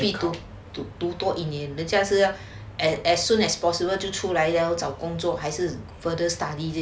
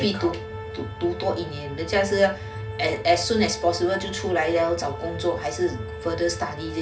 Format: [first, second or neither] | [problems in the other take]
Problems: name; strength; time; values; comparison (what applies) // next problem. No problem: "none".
first | background sound (Organ); 13 dB below the speech // room echo; dies away in 0.4 s